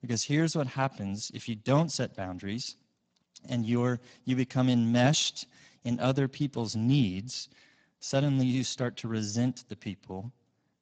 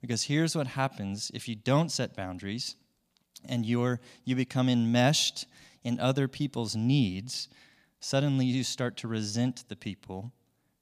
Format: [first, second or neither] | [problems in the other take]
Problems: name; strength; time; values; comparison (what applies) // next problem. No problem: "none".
second | garbled, watery; badly; nothing above 7.5 kHz